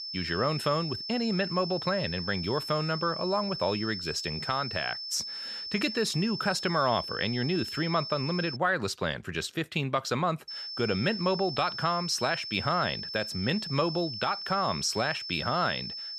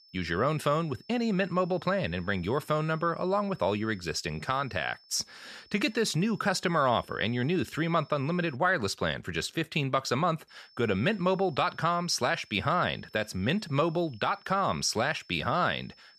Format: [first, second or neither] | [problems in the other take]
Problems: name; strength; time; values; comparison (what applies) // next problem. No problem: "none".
second | high-pitched whine; loud; until 8.5 s and from 10 s on; 5.5 kHz, 6 dB below the speech; faint in the second